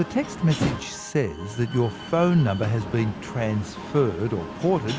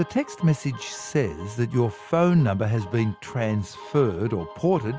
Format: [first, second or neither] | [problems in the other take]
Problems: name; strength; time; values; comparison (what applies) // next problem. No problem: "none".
second | background sound (Slam); 10 dB below the speech